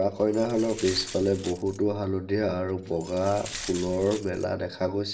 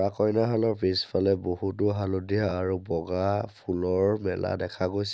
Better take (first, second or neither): second